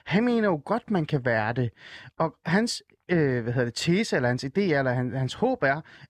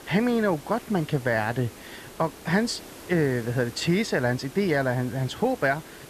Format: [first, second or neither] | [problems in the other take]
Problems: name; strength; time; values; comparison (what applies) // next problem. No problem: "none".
first | hiss; noticeable; throughout; 15 dB below the speech